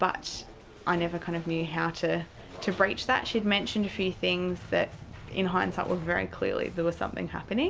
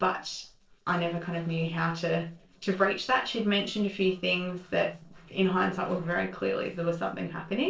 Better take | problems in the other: first | noise reduction (neural separator model SepFormer DNS4)

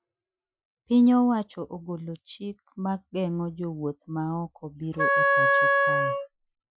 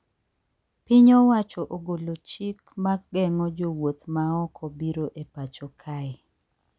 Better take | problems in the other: second | noise reduction (classical method Wiener filter)

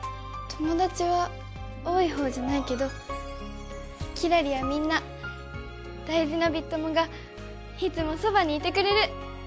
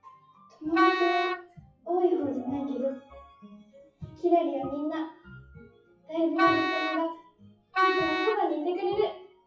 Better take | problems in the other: first | noise reduction (classical method WPE with log-MMSE)

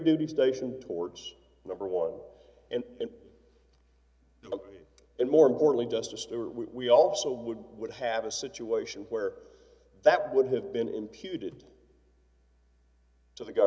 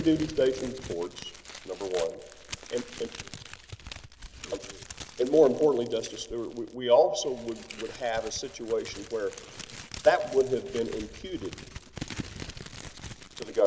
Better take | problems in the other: first | background sound (Crumpling, crinkling); 14 dB below the speech

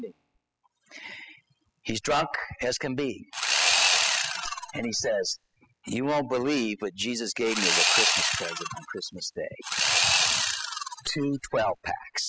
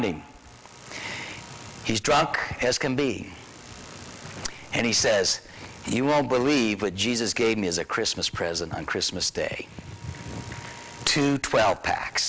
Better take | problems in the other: second | noise reduction (classical method spectral subtraction)

